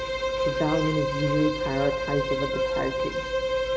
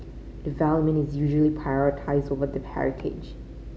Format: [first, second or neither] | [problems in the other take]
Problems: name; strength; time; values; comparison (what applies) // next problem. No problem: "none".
second | background sound (Bowed string instrument); 1 dB above the speech